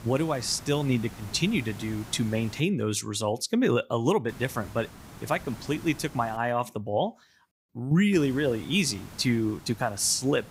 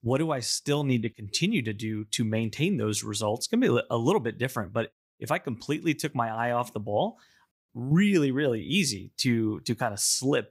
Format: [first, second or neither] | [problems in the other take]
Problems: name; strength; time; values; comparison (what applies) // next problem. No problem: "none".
second | hiss; noticeable; until 2.5 s, from 4.5 to 6.5 s and from 8 s on; 20 dB below the speech